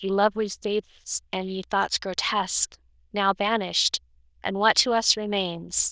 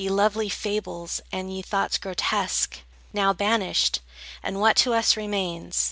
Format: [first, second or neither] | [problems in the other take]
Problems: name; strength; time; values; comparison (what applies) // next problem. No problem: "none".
second | noise reduction (neural diffusion model UNIVERSE++)